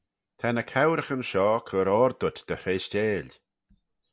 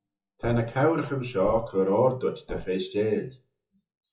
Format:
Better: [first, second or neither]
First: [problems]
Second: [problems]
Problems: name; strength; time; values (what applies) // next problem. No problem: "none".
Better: first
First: none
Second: noise reduction (classical method WPE with log-MMSE)